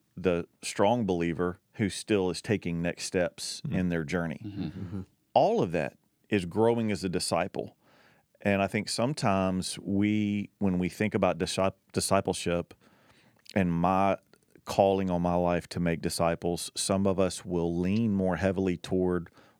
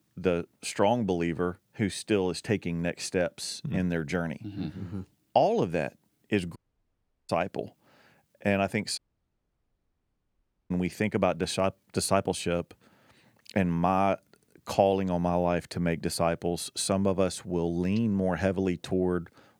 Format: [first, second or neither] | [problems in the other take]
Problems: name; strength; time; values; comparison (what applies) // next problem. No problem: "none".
first | audio cutting out; at 6.5 s for 0.5 s and at 9 s for 1.5 s